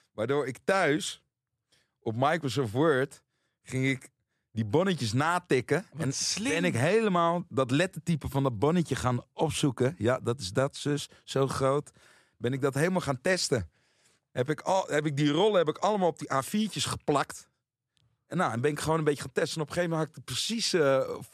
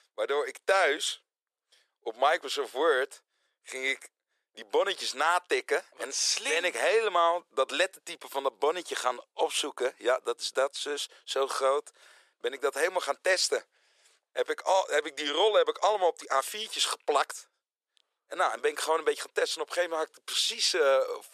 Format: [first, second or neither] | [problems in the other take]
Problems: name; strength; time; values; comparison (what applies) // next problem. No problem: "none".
first | thin; very; fading below 450 Hz